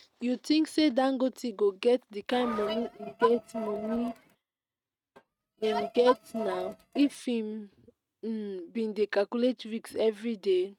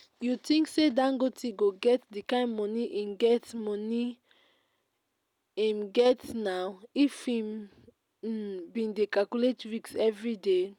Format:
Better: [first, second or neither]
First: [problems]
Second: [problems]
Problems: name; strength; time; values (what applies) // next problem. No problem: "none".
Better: second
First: noise reduction (neural mask model RNNoise)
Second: none